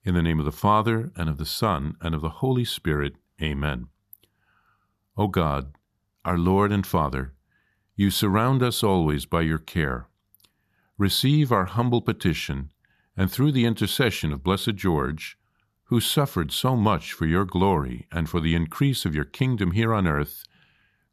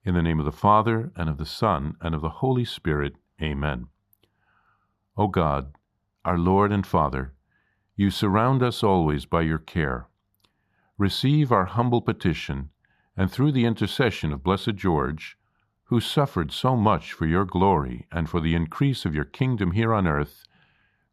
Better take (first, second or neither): first